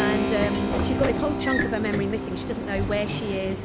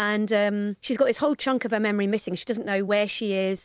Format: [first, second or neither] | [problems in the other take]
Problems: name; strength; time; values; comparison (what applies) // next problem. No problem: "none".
second | background sound (Keyboard (musical) + Sliding door / Train); 2 dB above the speech